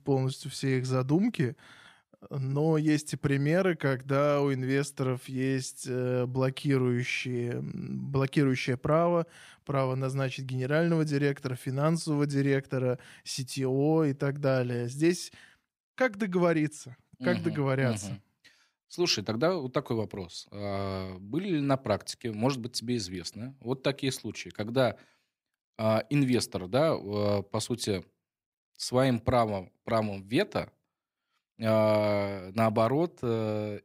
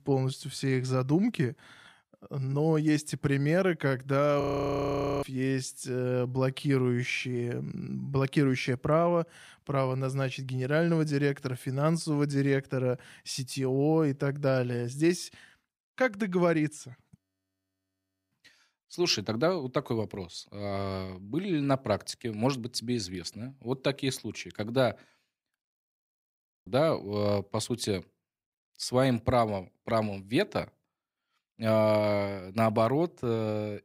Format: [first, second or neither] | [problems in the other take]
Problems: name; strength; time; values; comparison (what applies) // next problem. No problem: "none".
first | audio freezing; at 4.5 s for 1 s, at 17 s for 1 s and at 26 s for 1 s